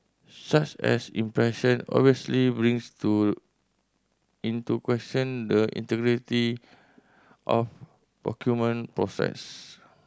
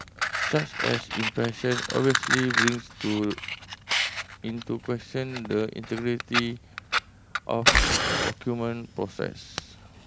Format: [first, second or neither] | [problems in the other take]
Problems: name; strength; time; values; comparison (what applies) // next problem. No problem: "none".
first | background sound (Fire); 1 dB above the speech